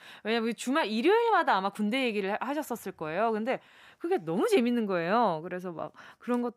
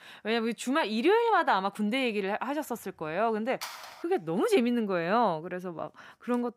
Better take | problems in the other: first | phone ringing; faint; at 3.5 s; peak 10 dB below the speech

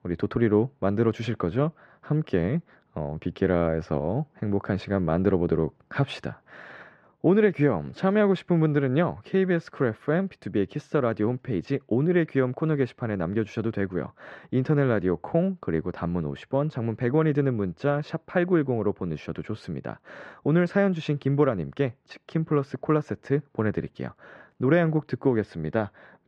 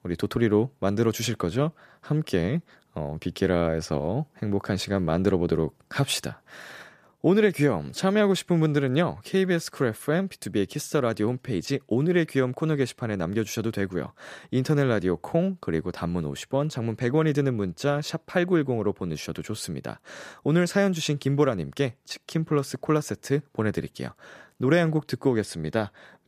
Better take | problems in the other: second | muffled; very; fading above 2 kHz

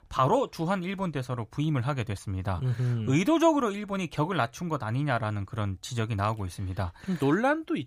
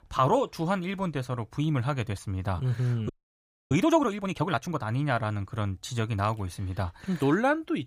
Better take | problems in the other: first | audio freezing; at 3 s for 0.5 s

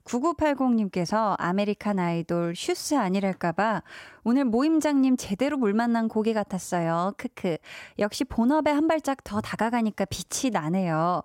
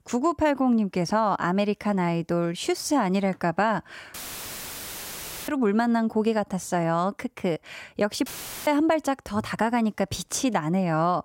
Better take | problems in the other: first | audio cutting out; filled with static; at 4 s for 1.5 s and at 8.5 s

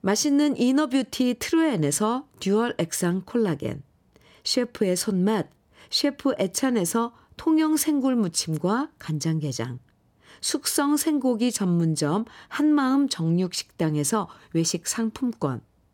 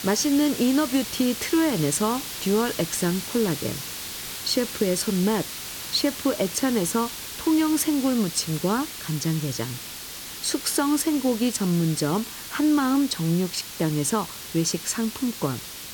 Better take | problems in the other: first | hiss; loud; throughout; 8 dB below the speech

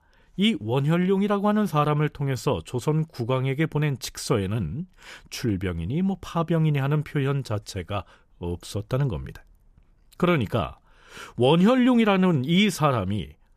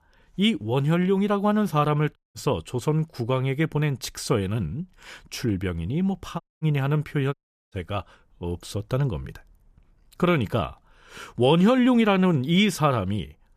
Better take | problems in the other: first | audio cutting out; at 2 s, at 6.5 s and at 7.5 s

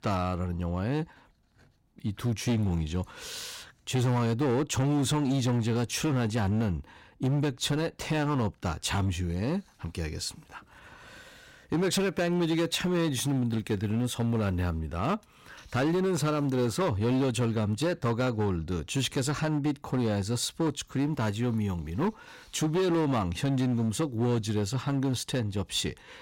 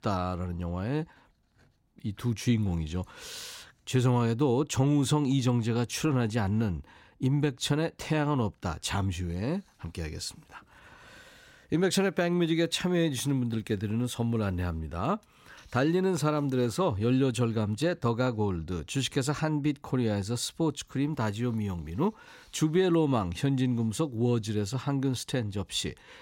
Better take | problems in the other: second | distortion; slight; 12% of the sound clipped

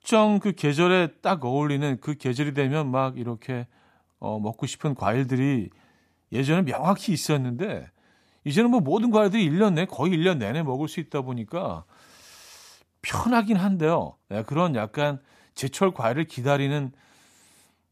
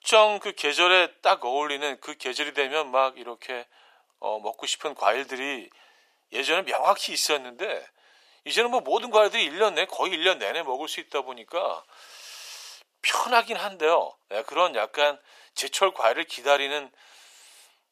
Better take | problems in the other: first | thin; very; fading below 450 Hz

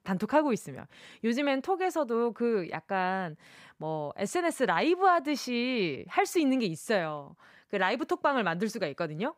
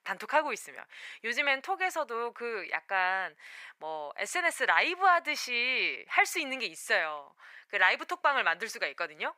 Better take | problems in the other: first | thin; very; fading below 800 Hz

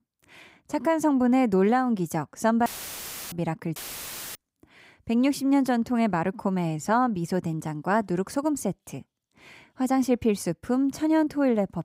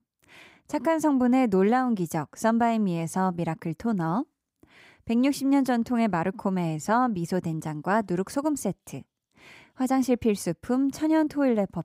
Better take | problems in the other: second | audio cutting out; filled with static; at 2.5 s for 0.5 s and at 4 s for 0.5 s

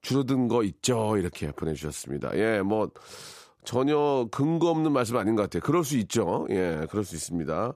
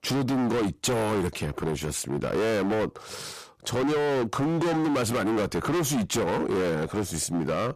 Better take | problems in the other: first | distortion; heavy; 32% of the sound clipped

